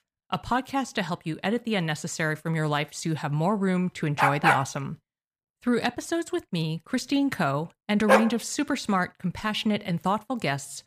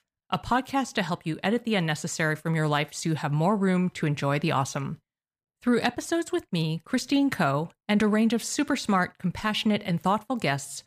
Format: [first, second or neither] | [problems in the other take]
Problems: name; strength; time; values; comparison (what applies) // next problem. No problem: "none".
second | dog barking; loud; at 4 s and at 8 s; peak 6 dB above the speech